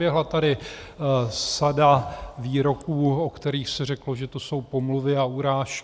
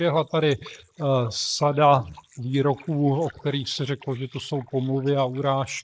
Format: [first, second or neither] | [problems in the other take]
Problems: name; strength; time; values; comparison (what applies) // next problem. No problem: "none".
first | noise reduction (neural mask model Resemble Enhance denoiser)